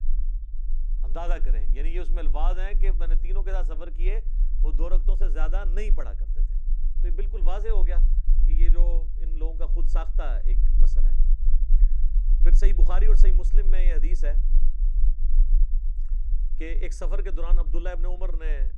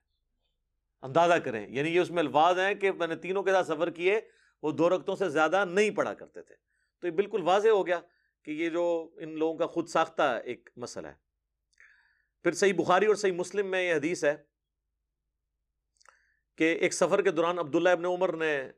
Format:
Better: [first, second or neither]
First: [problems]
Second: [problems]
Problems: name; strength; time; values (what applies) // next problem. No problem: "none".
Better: second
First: low rumble; noticeable; throughout; 15 dB below the speech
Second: none